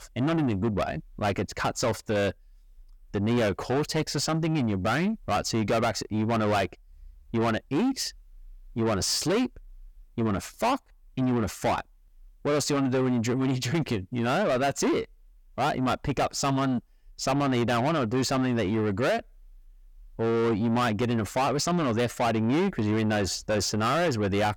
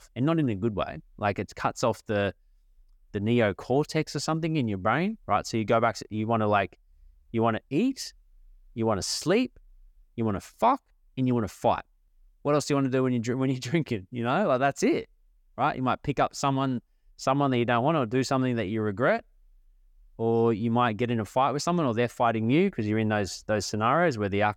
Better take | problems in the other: second | distortion; heavy; 7 dB below the speech

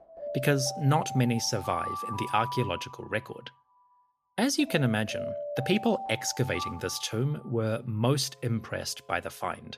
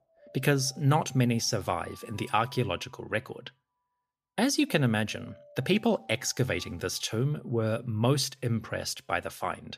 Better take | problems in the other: second | alarms or sirens; loud; throughout; 8 dB below the speech; faint in the second

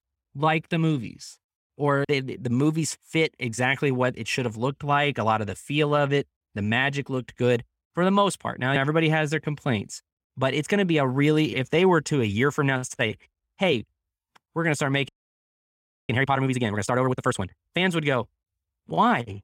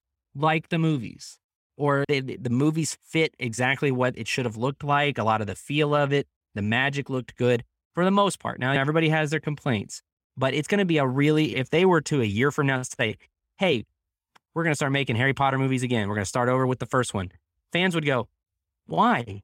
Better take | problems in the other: second | audio freezing; at 15 s for 1 s

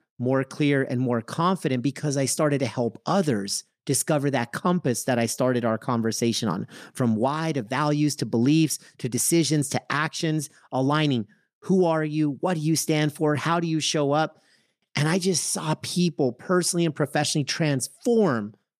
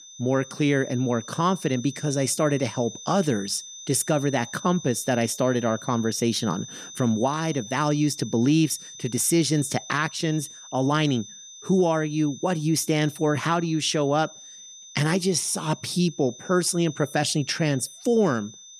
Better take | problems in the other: first | high-pitched whine; noticeable; throughout; 6 kHz, 15 dB below the speech

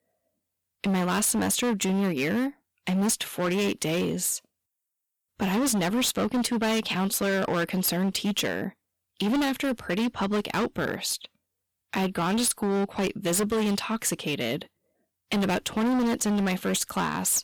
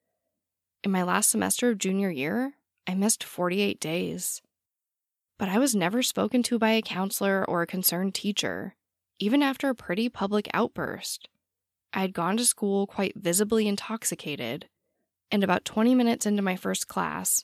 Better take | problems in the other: second | distortion; heavy; 20% of the sound clipped

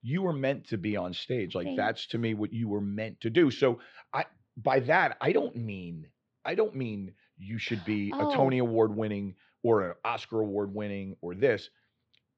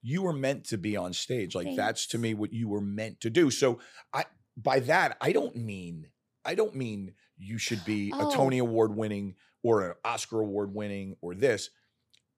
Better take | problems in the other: second | muffled; slightly; fading above 3.5 kHz

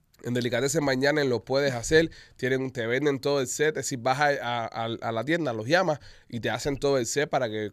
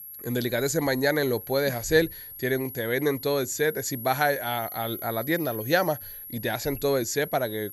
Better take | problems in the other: first | high-pitched whine; noticeable; throughout; 11.5 kHz, 10 dB below the speech

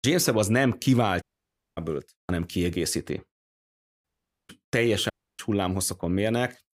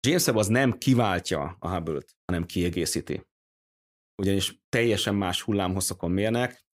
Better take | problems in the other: second | audio cutting out; at 1 s for 0.5 s, at 4 s and at 5 s

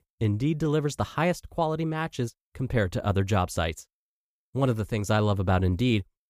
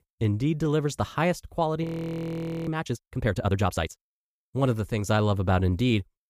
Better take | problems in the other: first | audio freezing; at 2 s for 1 s

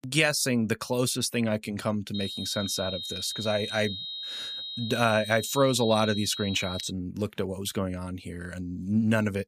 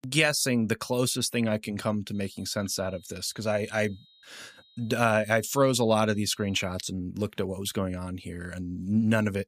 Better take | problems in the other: second | high-pitched whine; loud; from 2 to 7 s; 4 kHz, 7 dB below the speech; faint in the second

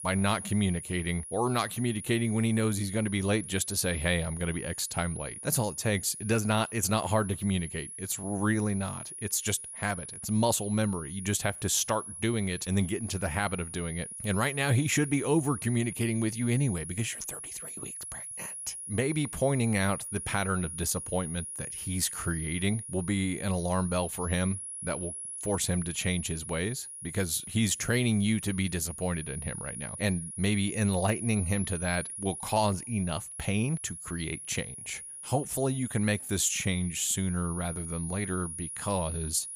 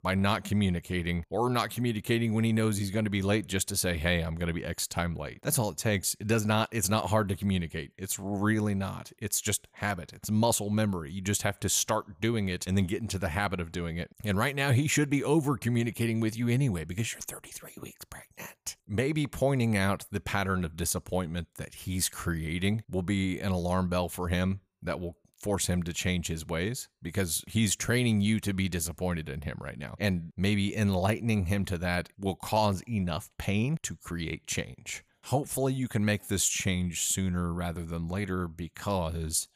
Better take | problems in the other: second | high-pitched whine; loud; throughout; 10.5 kHz, 8 dB below the speech

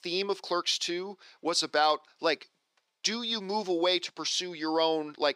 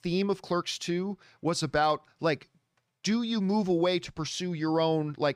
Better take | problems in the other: second | thin; somewhat; fading below 300 Hz

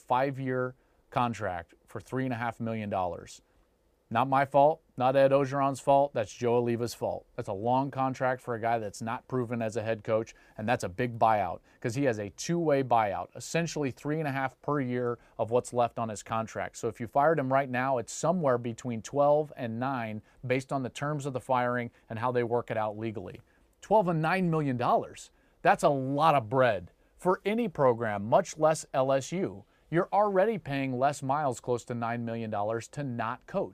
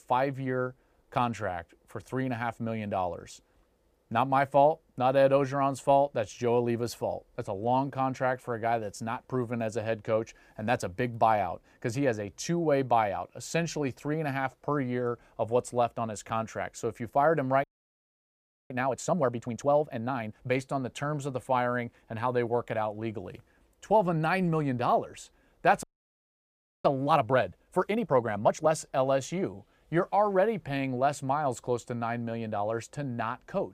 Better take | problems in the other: first | audio freezing; at 18 s for 1 s and at 26 s for 1 s

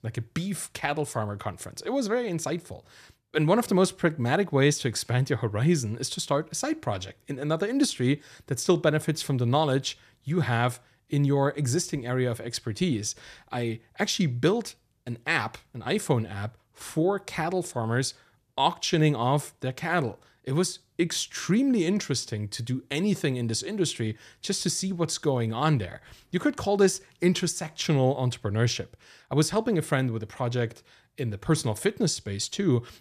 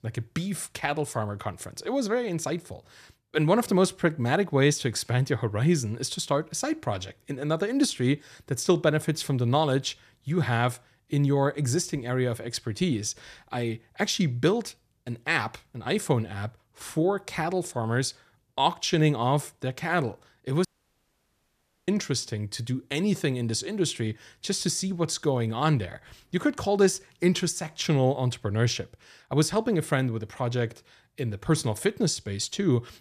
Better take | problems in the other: first | audio cutting out; at 21 s for 1 s

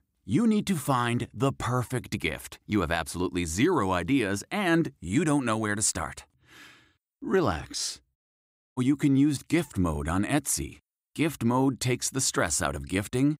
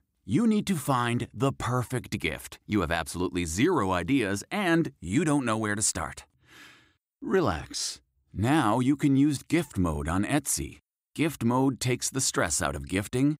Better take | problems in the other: second | audio cutting out; at 8 s for 0.5 s

